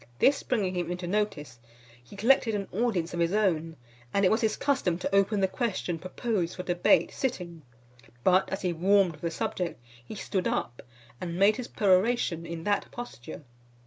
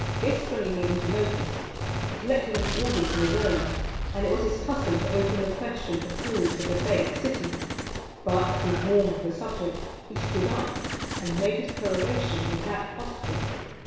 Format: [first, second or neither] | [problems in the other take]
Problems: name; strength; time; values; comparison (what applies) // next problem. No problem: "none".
first | background sound (Gunshot, gunfire); 2 dB below the speech // room echo; dies away in 1.1 s